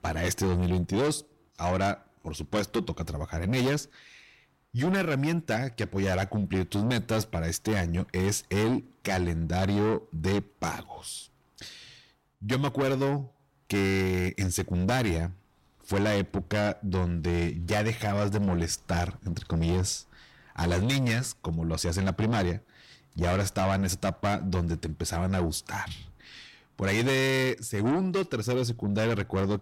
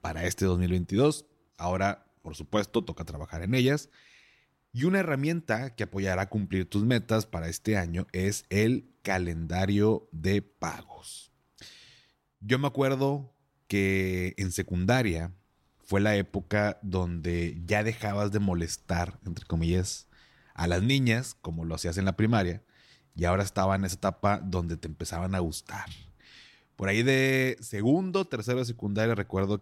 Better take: second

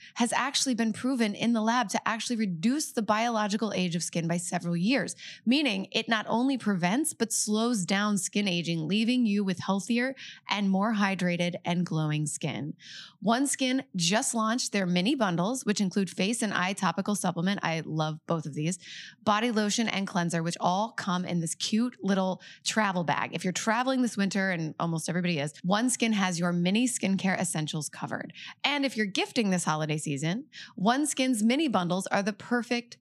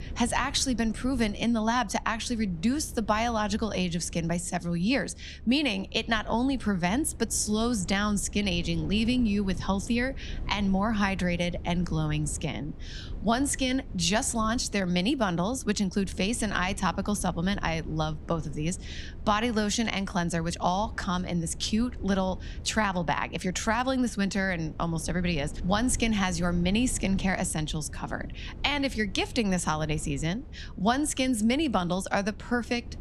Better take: first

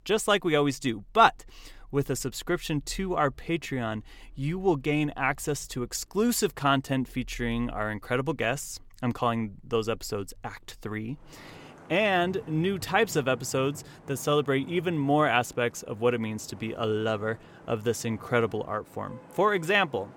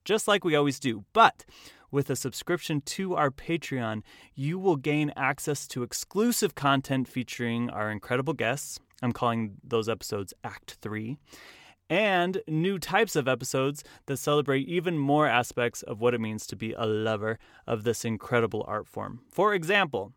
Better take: second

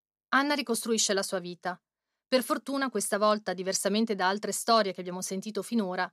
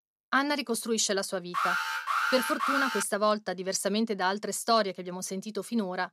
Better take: first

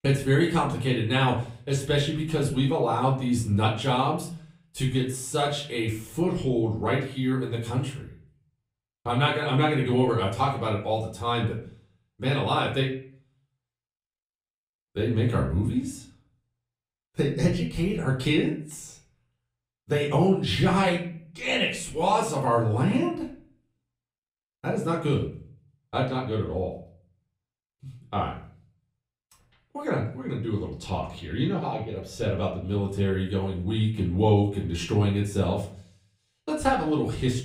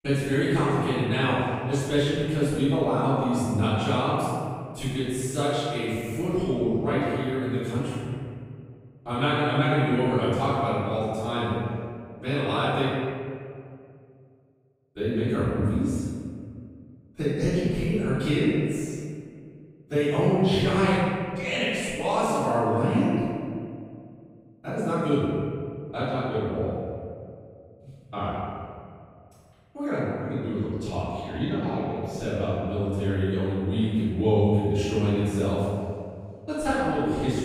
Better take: first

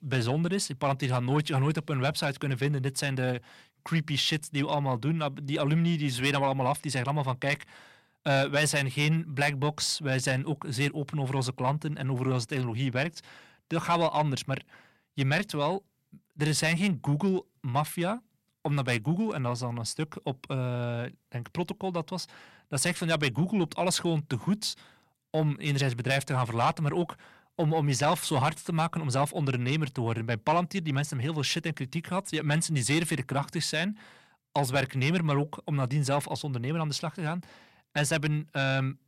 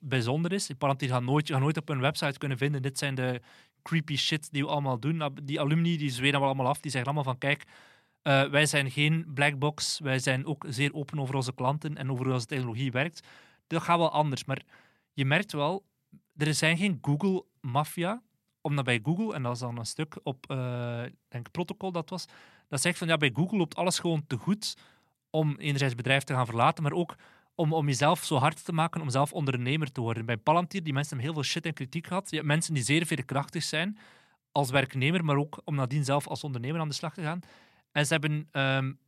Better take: second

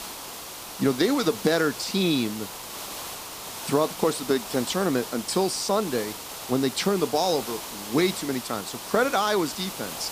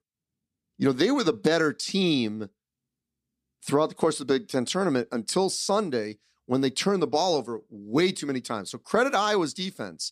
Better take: second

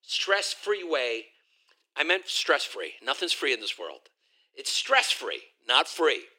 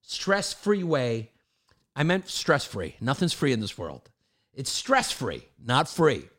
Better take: second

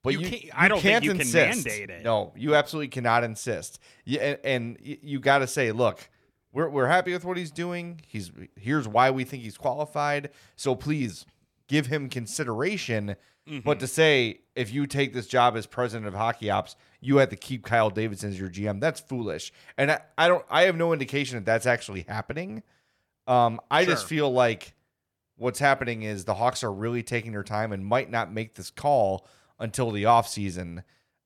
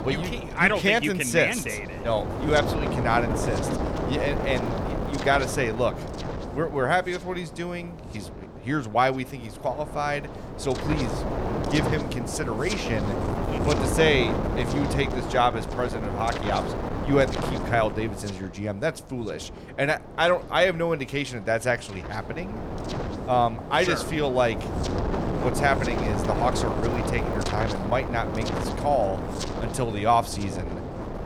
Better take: first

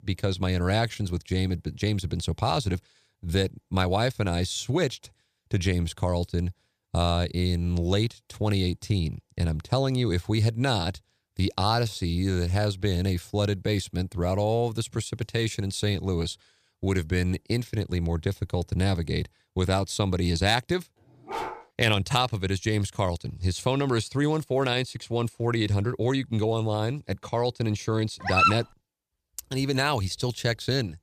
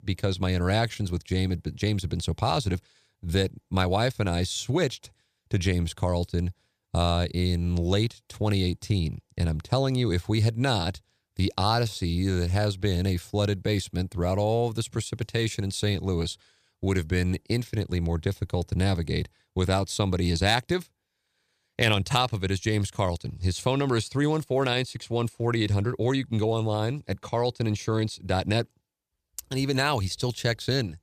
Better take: second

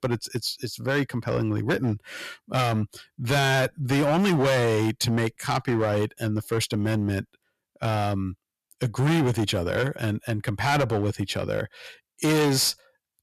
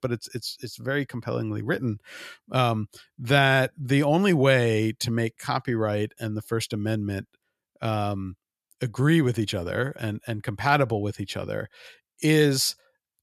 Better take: second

